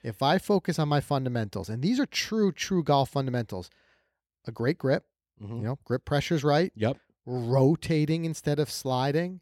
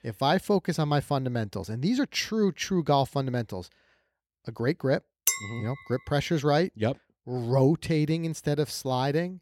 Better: first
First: none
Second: clattering dishes; loud; at 5.5 s; peak 1 dB above the speech

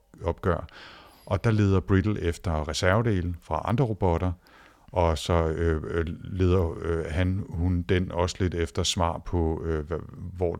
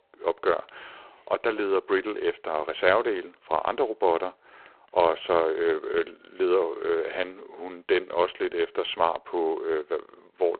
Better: first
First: none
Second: phone-call audio; poor line

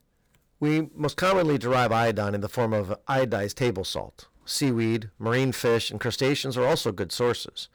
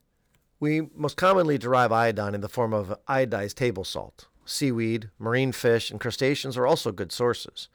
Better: second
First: distortion; slight; 9% of the sound clipped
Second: none

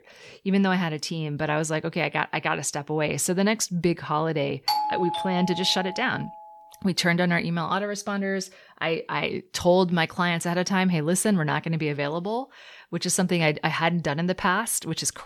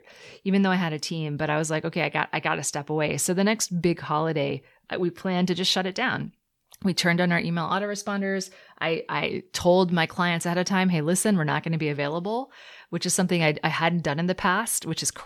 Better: second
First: doorbell; loud; from 4.5 to 6 s; peak level with the speech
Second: none

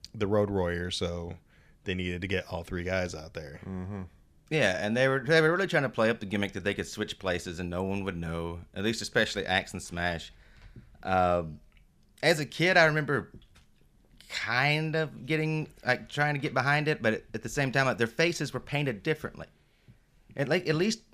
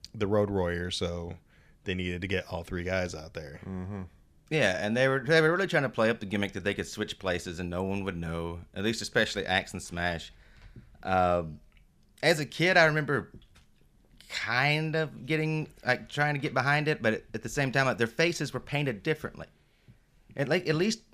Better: neither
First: none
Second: none

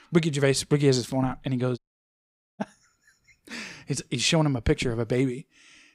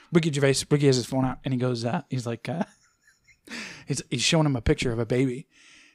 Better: second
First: audio cutting out; at 2 s for 1 s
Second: none

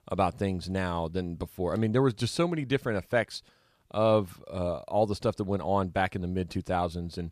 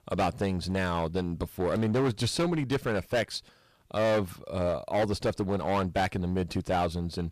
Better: first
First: none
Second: distortion; heavy; 12% of the sound clipped

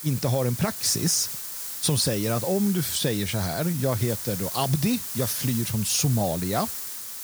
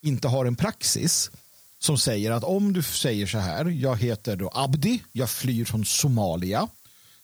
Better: second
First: hiss; loud; throughout; 6 dB below the speech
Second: hiss; faint; throughout; 25 dB below the speech

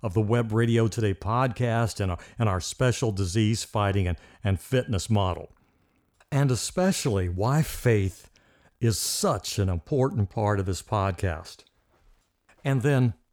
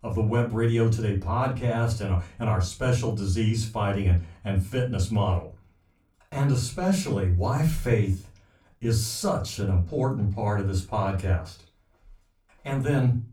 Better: first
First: none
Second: off-mic speech; far // room echo; very slight; dies away in 0.3 s

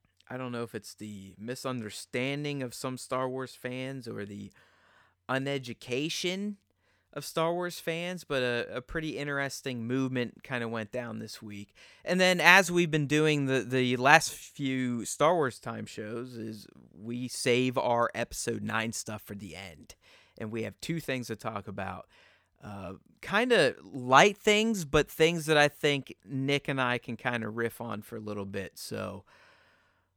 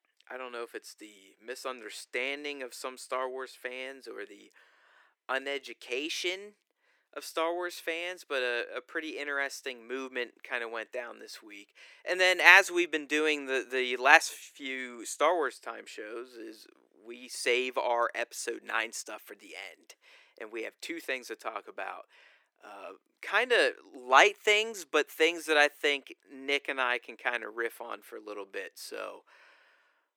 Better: first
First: none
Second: thin; very; fading below 300 Hz

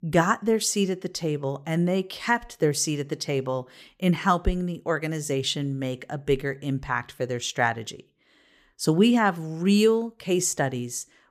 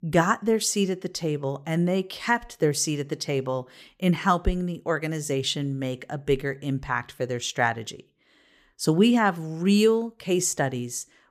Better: neither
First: none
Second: none

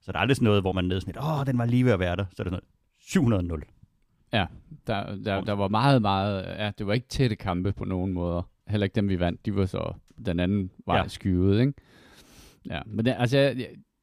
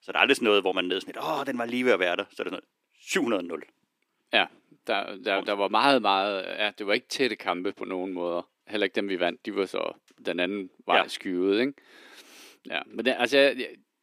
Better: first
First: none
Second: thin; somewhat; fading below 300 Hz

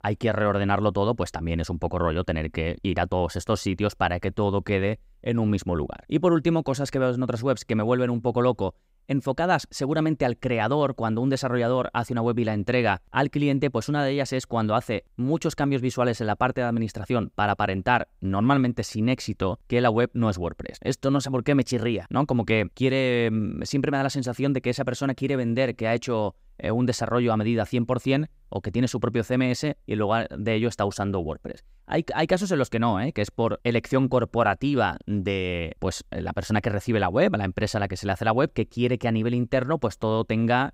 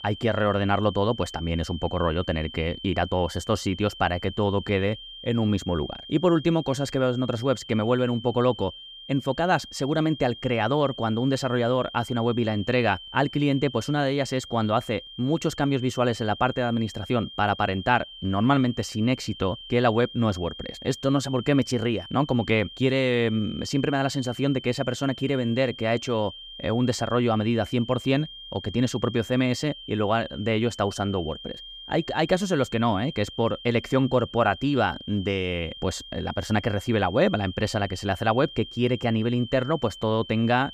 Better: first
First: none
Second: high-pitched whine; noticeable; throughout; 3 kHz, 15 dB below the speech

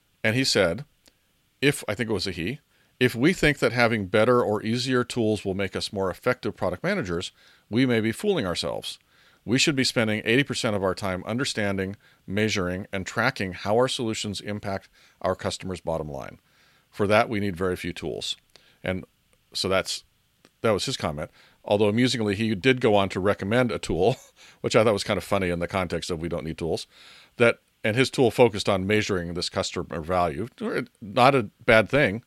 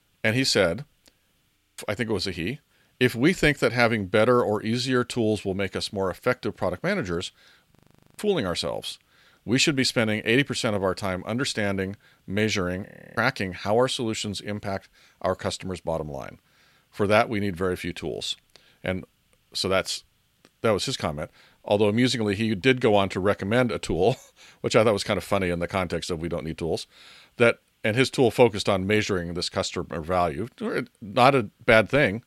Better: first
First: none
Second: audio freezing; at 1.5 s, at 7.5 s and at 13 s

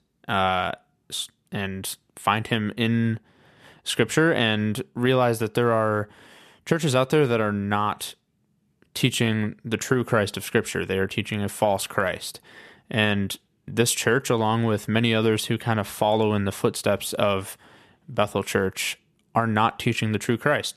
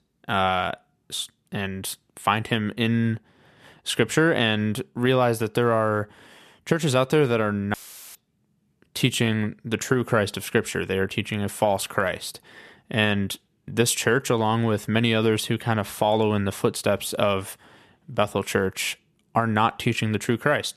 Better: first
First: none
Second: audio cutting out; filled with static; at 7.5 s

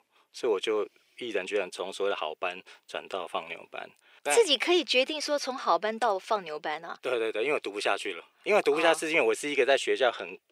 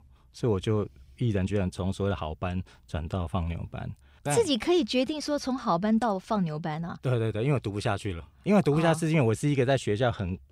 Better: second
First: thin; very; fading below 400 Hz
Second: none

